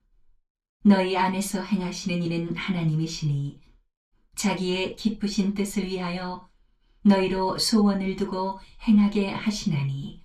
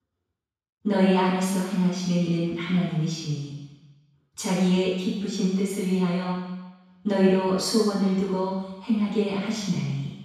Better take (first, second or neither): first